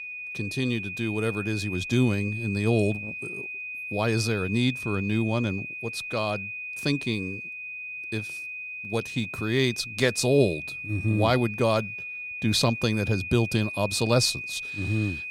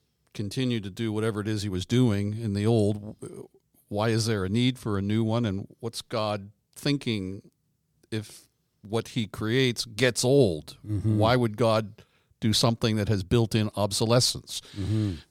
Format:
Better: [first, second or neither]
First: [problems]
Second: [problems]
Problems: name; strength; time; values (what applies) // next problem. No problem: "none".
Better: second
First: high-pitched whine; loud; throughout; 2.5 kHz, 7 dB below the speech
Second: none